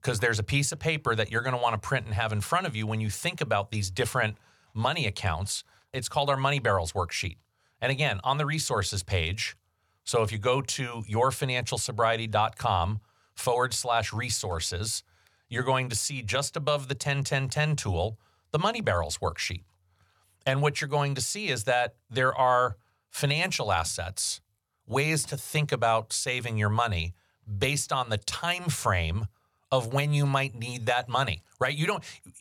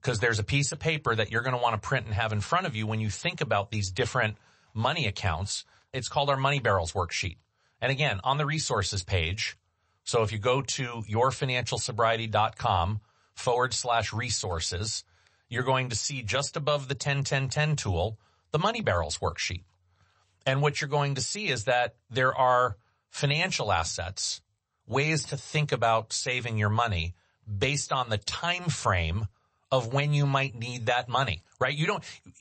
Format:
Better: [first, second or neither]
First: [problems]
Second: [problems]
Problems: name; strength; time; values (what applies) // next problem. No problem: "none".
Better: first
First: none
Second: garbled, watery; slightly; nothing above 8 kHz